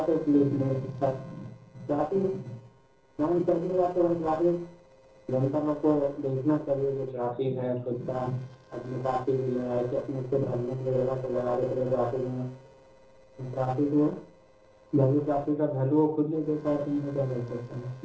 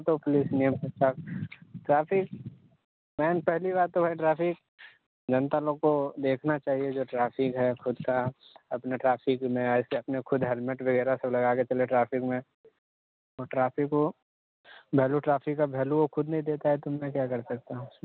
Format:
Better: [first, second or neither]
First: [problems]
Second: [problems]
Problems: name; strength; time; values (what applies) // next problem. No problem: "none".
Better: second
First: noise reduction (neural separator model SepFormer DNS4)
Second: none